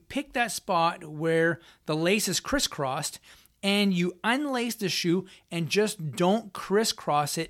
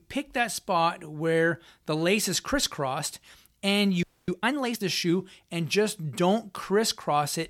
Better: first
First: none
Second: audio freezing; at 4 s

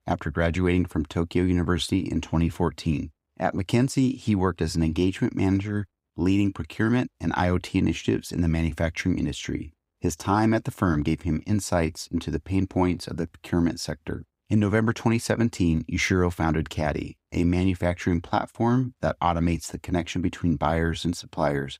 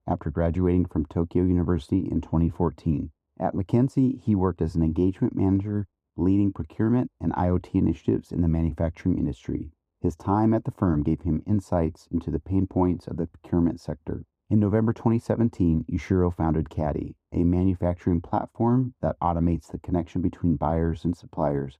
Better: first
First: none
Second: muffled; very; fading above 1 kHz

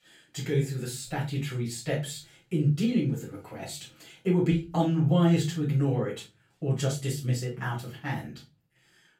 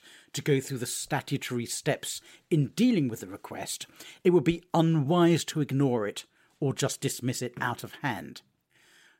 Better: second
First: off-mic speech; far // room echo; slight; dies away in 0.3 s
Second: none

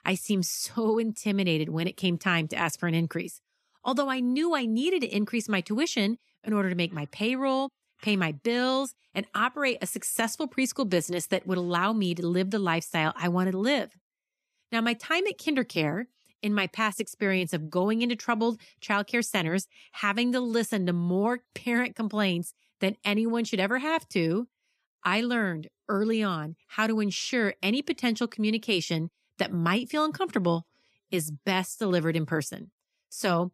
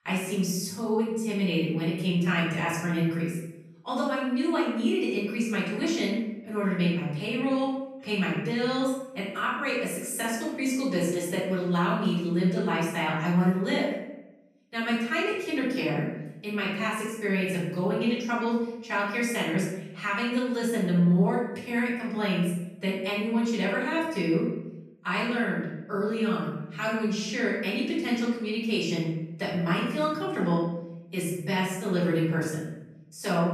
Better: first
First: none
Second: off-mic speech; far // room echo; noticeable; dies away in 0.8 s

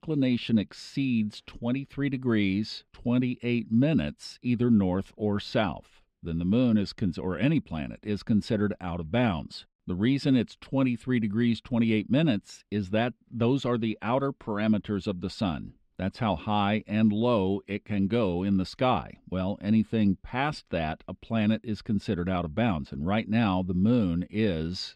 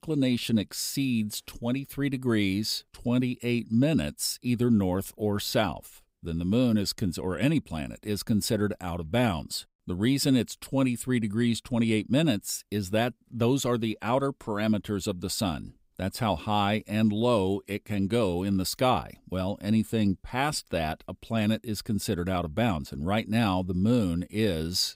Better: second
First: muffled; slightly; fading above 3 kHz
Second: none

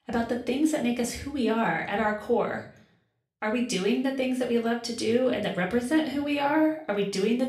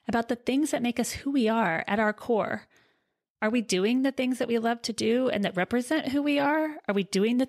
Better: second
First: room echo; slight; dies away in 0.4 s // off-mic speech; somewhat distant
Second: none

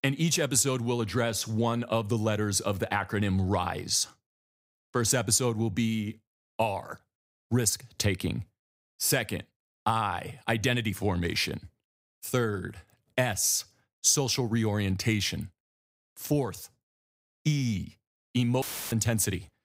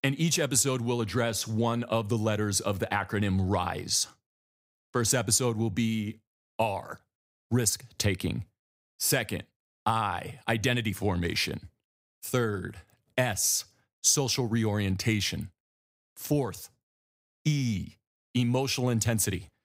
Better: second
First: audio cutting out; filled with static; at 19 s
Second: none

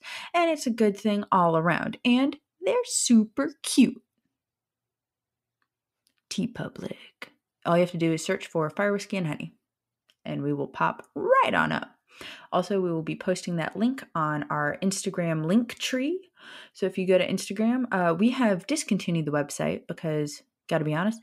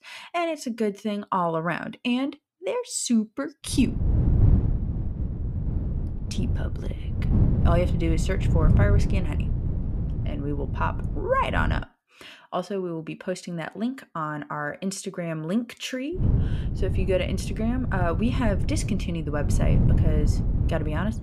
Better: first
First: none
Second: wind noise on the microphone; heavy; from 3.5 to 12 s and from 16 s on; 8 dB below the speech

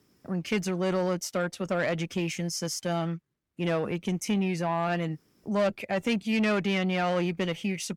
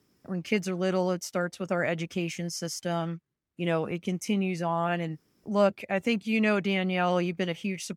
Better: second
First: distortion; slight; 10 dB below the speech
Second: none

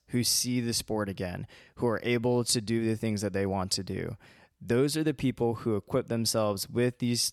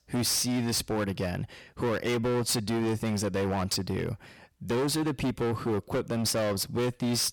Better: first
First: none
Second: distortion; heavy; 25% of the sound clipped

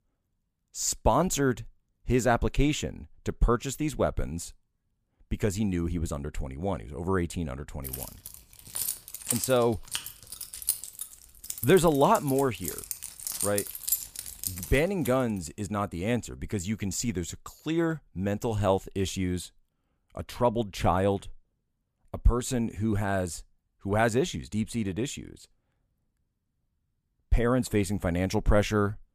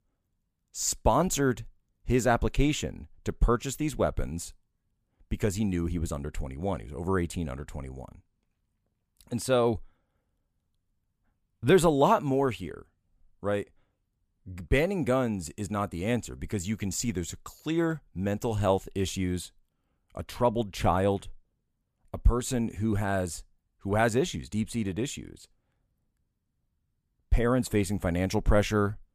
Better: second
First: jangling keys; loud; from 8 to 15 s; peak level with the speech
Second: none

